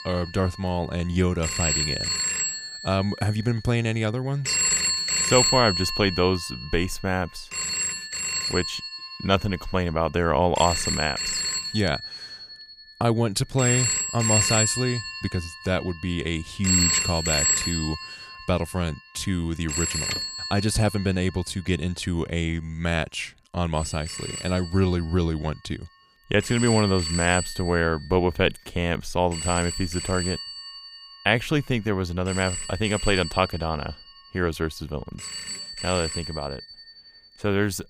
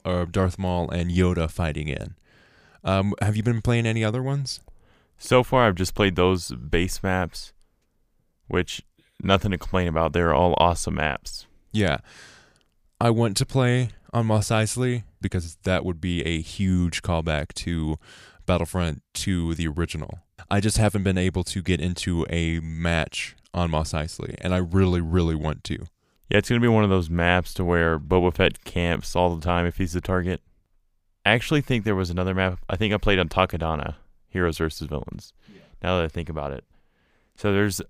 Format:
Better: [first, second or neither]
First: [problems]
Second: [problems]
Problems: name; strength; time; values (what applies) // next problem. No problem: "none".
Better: second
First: alarms or sirens; loud; throughout; as loud as the speech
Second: none